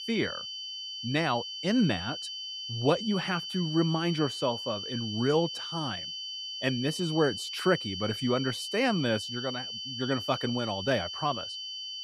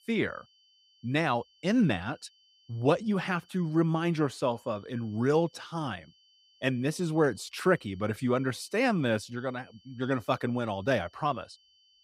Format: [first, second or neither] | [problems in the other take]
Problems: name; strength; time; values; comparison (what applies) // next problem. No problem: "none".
second | high-pitched whine; loud; throughout; 3 kHz, 5 dB below the speech; faint in the second